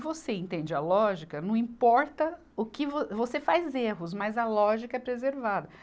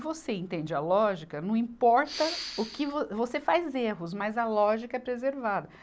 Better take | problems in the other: first | background sound (Respiratory sounds); 10 dB below the speech

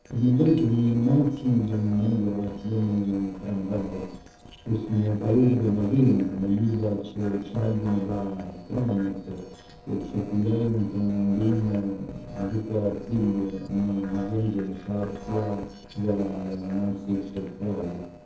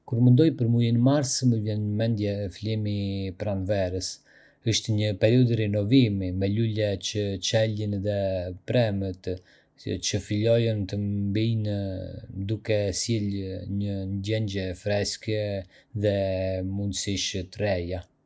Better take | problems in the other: second | noise reduction (neural separator model SepFormer DNS4)

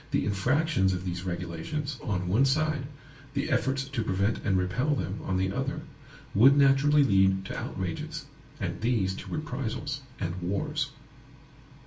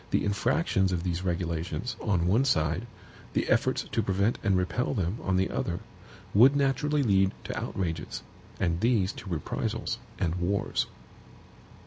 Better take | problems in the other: second | room echo; dies away in 0.3 s

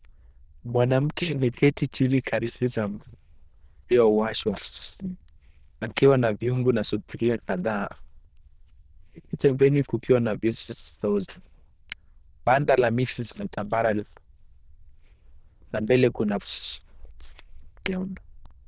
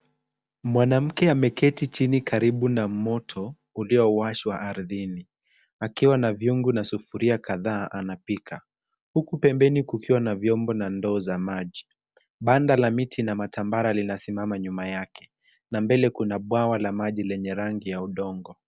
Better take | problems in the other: second | noise reduction (neural diffusion model UNIVERSE++)

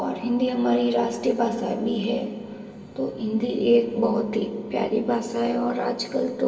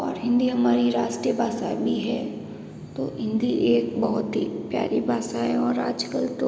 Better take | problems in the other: second | room echo; dies away in 0.1 s

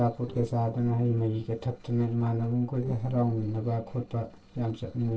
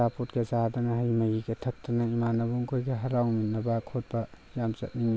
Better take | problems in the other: second | noise reduction (neural separator model SepFormer DNS4)

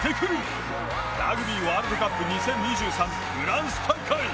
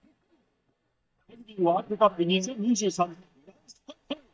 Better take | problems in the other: first | noise reduction (neural mask model DeepFilterNet 3)

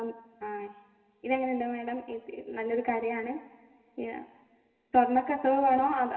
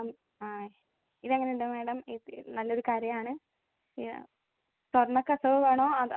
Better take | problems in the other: second | room echo; dies away in 1.7 s

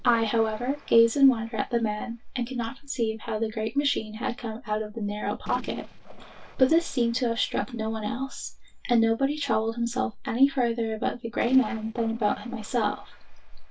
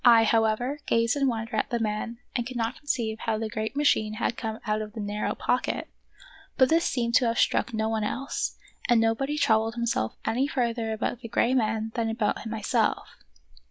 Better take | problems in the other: second | noise reduction (neural separator model SepFormer DNS4)

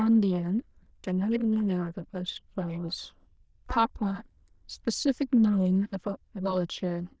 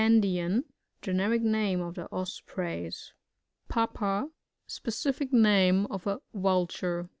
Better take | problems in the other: second | noise reduction (neural diffusion model UNIVERSE++)

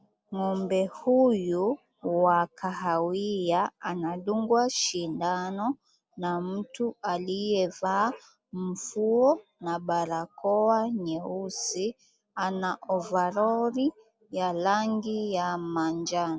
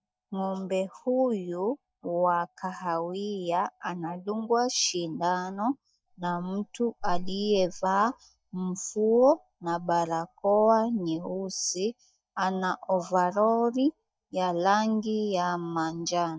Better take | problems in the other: first | noise reduction (neural mask model DeepFilterNet 3)

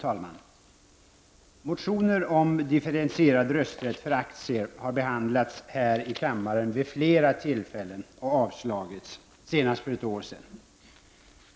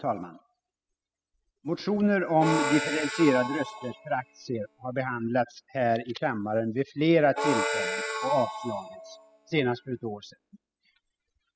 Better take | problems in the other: first | noise reduction (classical method spectral subtraction)

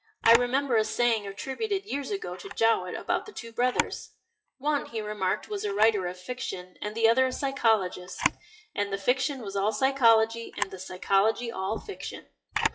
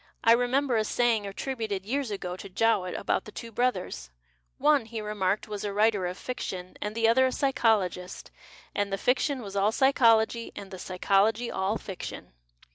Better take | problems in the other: second | noise reduction (classical method WPE with log-MMSE)

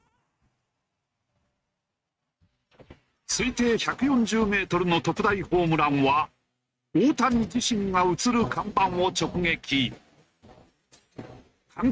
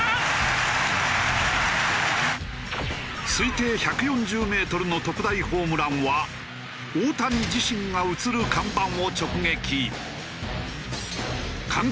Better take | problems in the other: second | noise reduction (neural mask model RNNoise)

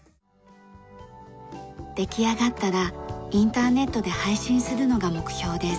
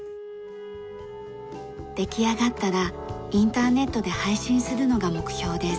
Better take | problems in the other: first | background sound (Wind instrument, woodwind instrument); 14 dB below the speech

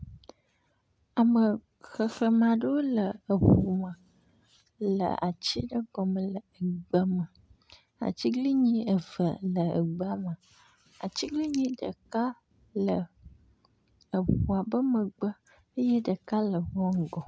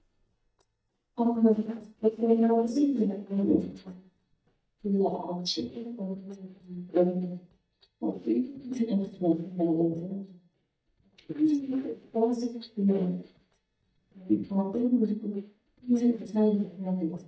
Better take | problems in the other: first | noise reduction (neural mask model DeepFilterNet 3)

